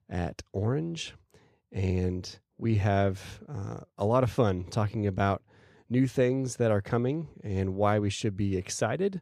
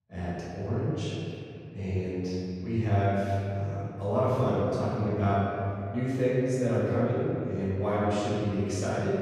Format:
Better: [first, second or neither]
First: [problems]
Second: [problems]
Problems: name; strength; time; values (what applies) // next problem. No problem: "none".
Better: first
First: none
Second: off-mic speech; far // room echo; strong; dies away in 2.6 s